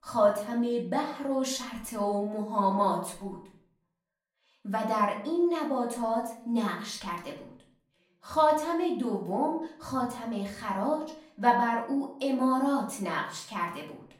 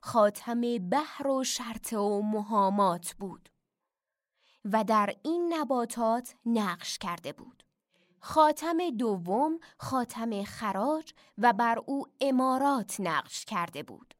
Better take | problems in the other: second | off-mic speech; far // room echo; slight; dies away in 0.5 s

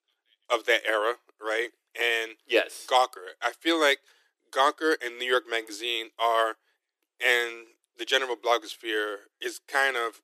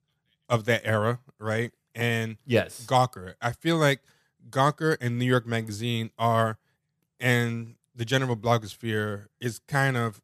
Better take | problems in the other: second | thin; very; fading below 300 Hz

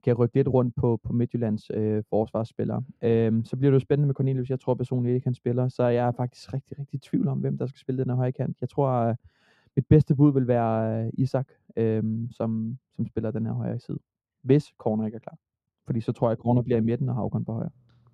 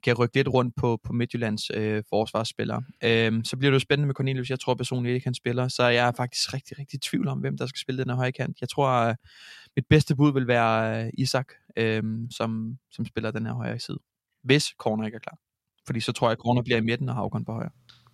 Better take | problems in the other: second | muffled; very; fading above 1 kHz

